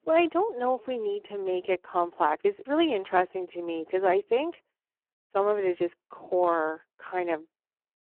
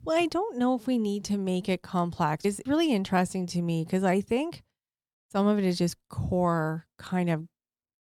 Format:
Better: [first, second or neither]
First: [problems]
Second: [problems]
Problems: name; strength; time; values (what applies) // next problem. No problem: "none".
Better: second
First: phone-call audio; poor line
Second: none